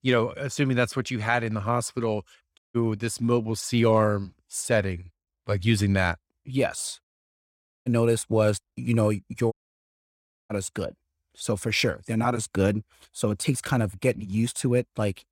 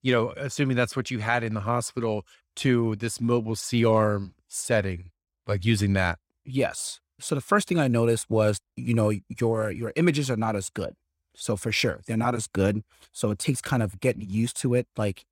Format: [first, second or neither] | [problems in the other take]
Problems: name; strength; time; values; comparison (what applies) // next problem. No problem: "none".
second | audio cutting out; at 2.5 s, at 7 s for 1 s and at 9.5 s for 1 s